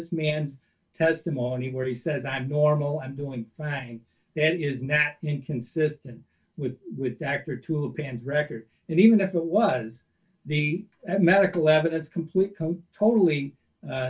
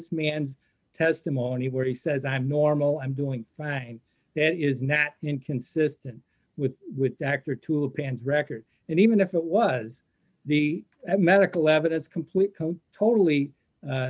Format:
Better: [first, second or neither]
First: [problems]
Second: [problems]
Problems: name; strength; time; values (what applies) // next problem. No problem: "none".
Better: second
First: room echo; dies away in 0.2 s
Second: none